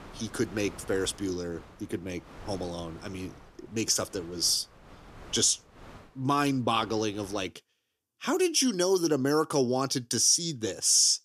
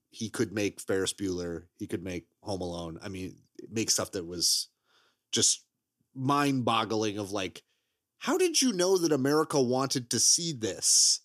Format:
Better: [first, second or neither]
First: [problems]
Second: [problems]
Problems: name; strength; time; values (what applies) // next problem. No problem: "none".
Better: second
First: wind noise on the microphone; occasional gusts; until 7.5 s; 25 dB below the speech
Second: none